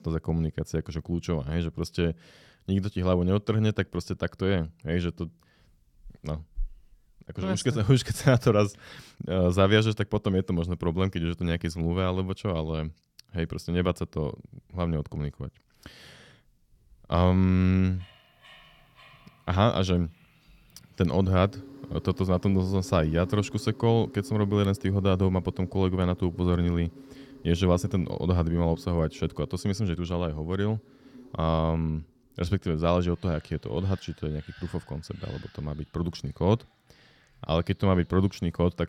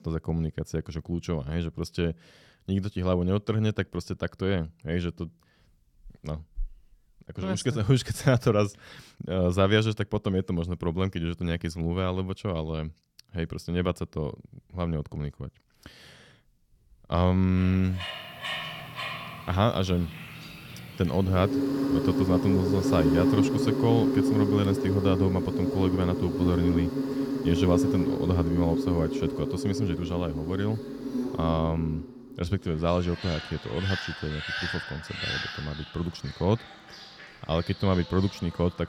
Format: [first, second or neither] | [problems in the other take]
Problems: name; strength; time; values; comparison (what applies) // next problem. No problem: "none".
first | animal sounds; loud; from 18 s on; 1 dB below the speech; faint in the first